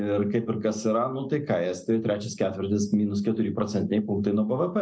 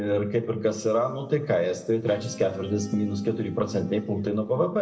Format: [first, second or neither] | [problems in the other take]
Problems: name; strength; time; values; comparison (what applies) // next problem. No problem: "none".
first | background sound (Electric guitar / Bass guitar); 17 dB below the speech // room echo; dies away in 1.2 s